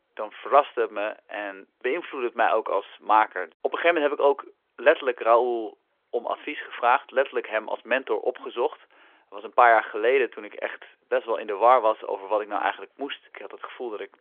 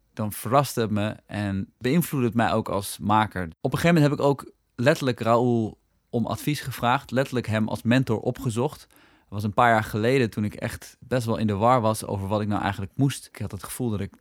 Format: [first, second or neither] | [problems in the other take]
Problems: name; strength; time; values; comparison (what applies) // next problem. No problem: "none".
second | phone-call audio; nothing above 3.5 kHz